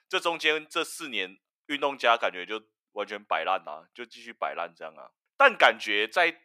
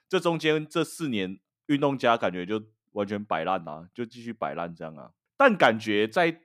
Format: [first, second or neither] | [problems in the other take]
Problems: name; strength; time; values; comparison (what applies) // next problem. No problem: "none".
second | thin; somewhat; fading below 600 Hz